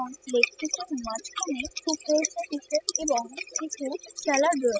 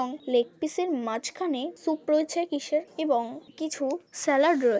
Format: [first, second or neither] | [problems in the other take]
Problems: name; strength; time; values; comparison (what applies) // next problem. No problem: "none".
second | noise reduction (classical method spectral subtraction)